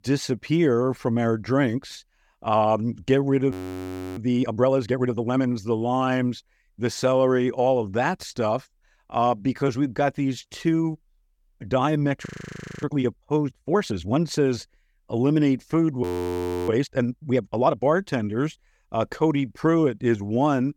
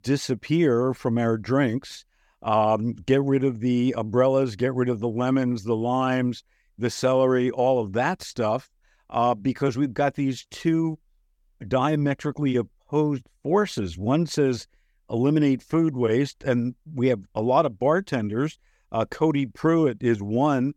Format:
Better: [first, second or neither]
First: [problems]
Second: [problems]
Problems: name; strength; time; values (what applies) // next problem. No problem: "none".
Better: second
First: audio freezing; at 3.5 s for 0.5 s, at 12 s for 0.5 s and at 16 s for 0.5 s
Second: none